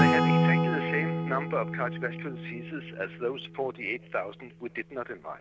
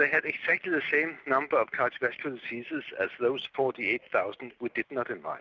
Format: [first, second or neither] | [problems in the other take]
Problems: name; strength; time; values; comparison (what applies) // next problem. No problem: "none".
second | background sound (Acoustic guitar / Strum); 4 dB above the speech